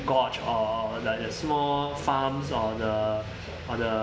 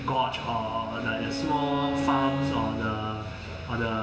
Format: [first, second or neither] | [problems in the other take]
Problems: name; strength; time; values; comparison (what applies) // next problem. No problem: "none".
first | background sound (Bowed string instrument); 4 dB below the speech // room echo; dies away in 2.2 s